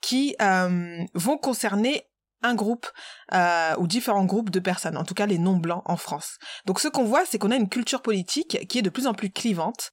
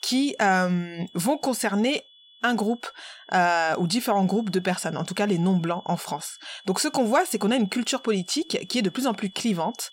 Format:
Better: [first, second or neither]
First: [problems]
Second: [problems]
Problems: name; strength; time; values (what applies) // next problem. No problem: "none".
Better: first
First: none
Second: high-pitched whine; faint; throughout; 3.5 kHz, 25 dB below the speech